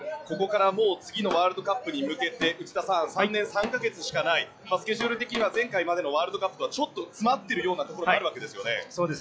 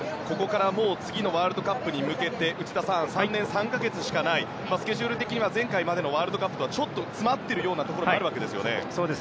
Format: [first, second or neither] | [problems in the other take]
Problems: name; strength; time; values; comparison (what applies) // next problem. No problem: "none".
second | noise reduction (classical method log-MMSE)